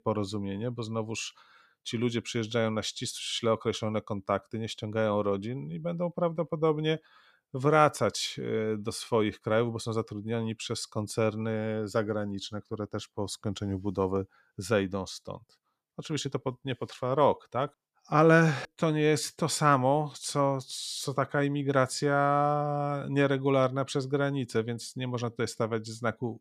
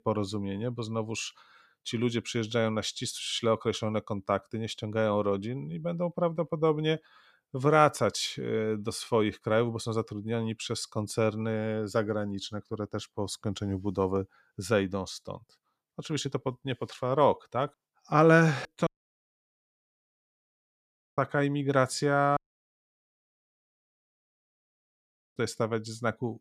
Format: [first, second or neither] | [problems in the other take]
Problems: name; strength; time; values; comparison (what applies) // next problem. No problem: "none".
first | audio cutting out; at 19 s for 2.5 s and at 22 s for 3 s